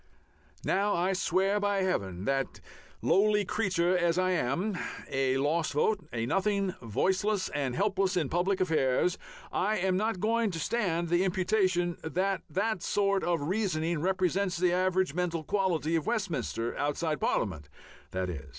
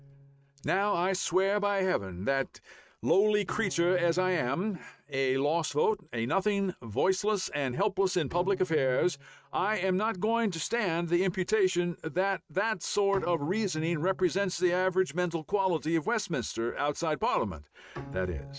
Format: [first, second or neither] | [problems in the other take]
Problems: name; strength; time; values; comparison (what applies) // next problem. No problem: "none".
first | noise reduction (neural mask model RNNoise)